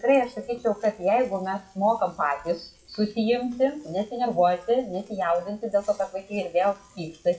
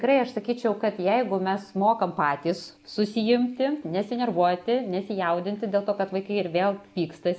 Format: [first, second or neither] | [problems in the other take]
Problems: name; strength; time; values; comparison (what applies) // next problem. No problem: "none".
second | noise reduction (classical method WPE with log-MMSE)